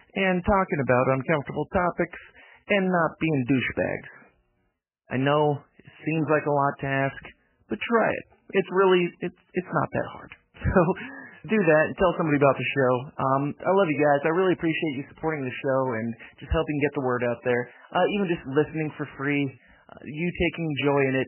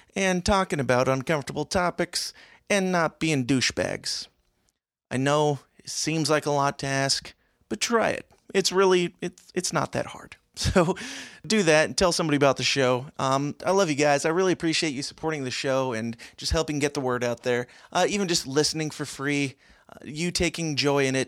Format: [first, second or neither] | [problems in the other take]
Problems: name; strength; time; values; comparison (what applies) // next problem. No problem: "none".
second | garbled, watery; badly; nothing above 3 kHz